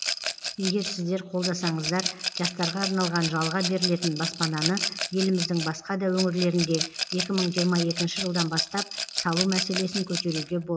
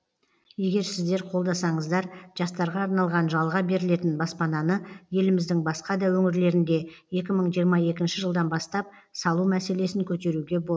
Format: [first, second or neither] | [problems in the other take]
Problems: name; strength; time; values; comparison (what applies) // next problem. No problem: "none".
second | background sound (Rattle / Glass); 5 dB below the speech